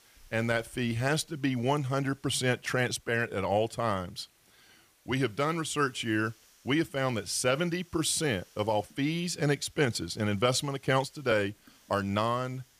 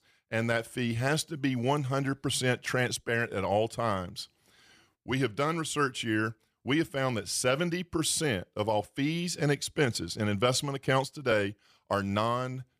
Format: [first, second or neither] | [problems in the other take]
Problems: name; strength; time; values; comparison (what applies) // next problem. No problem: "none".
second | hiss; faint; throughout; 30 dB below the speech